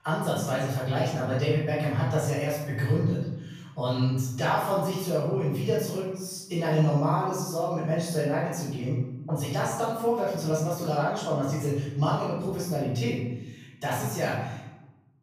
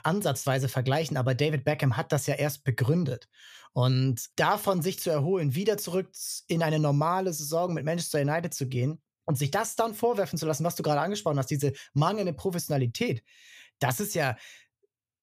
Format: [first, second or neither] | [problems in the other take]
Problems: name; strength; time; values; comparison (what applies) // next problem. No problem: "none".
second | off-mic speech; far // room echo; noticeable; dies away in 0.9 s